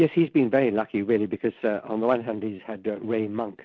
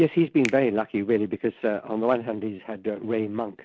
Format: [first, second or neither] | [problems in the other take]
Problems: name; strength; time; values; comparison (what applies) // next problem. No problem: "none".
first | background sound (Finger snapping); 18 dB below the speech